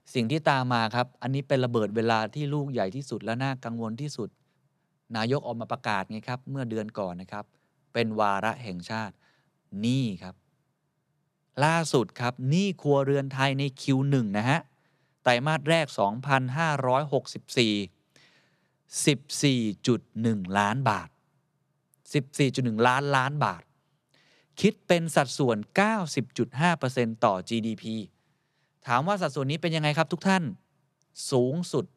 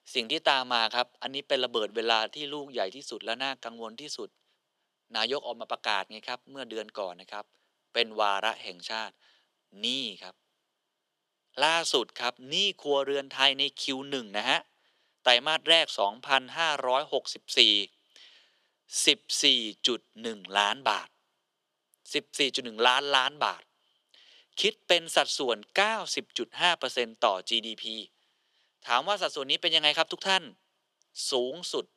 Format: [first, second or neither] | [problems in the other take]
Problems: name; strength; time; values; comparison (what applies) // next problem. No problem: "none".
first | thin; somewhat; fading below 350 Hz